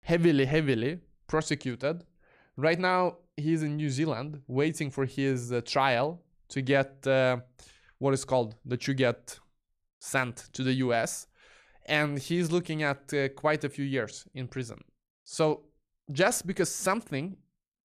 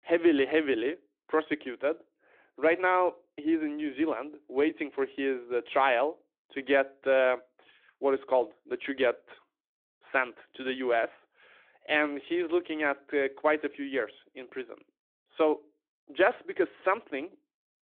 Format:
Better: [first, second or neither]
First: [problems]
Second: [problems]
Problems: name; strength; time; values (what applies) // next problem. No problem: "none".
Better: first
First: none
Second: phone-call audio; nothing above 3.5 kHz